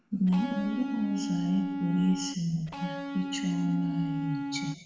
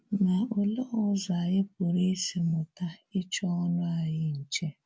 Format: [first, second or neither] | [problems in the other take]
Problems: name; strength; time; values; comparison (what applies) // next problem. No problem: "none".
second | background sound (Electric guitar); 4 dB below the speech // room echo; dies away in 0.9 s